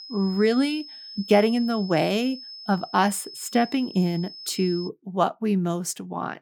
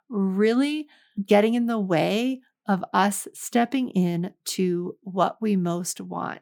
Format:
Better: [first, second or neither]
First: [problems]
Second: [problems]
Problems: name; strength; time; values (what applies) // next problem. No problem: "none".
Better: second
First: high-pitched whine; noticeable; until 5 s; 5 kHz, 15 dB below the speech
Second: none